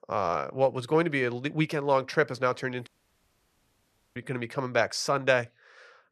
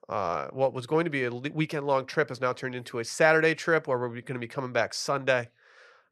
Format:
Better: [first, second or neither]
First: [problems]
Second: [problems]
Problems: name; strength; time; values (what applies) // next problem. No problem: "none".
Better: second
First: audio cutting out; at 3 s for 1.5 s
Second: none